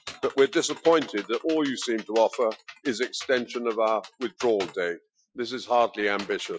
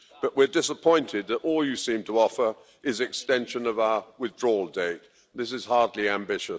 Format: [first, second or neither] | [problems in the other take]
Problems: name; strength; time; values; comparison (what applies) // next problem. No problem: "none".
second | noise reduction (classical method Wiener filter)